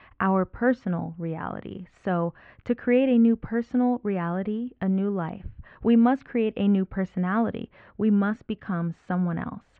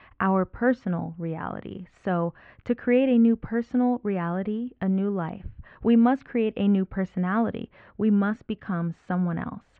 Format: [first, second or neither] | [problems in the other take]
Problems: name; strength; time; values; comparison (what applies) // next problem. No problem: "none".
neither | muffled; very; fading above 2.5 kHz; the same in both